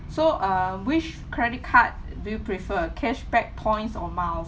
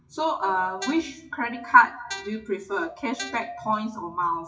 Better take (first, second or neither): first